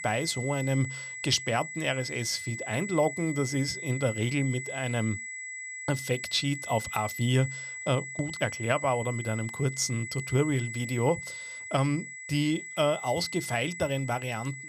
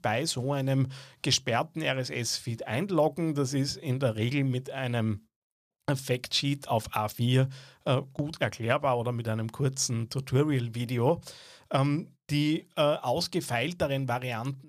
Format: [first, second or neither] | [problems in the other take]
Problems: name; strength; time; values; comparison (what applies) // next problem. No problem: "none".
second | high-pitched whine; loud; throughout; 2 kHz, 7 dB below the speech